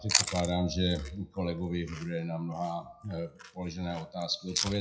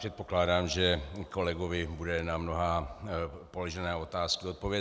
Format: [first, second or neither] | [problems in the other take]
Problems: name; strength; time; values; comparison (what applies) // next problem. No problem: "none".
second | noise reduction (classical method WPE with log-MMSE)